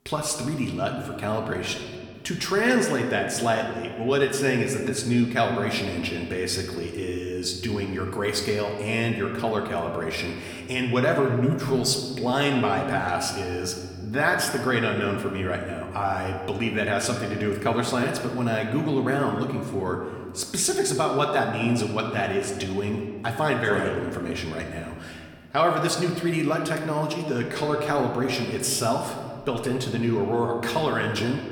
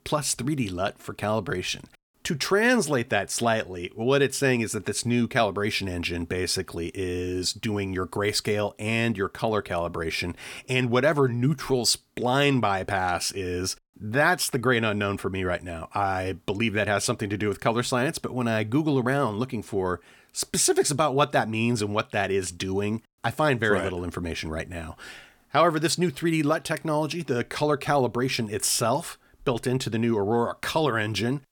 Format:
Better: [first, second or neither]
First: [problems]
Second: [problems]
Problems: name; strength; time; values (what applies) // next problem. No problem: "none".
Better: second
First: room echo; slight; dies away in 1.6 s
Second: none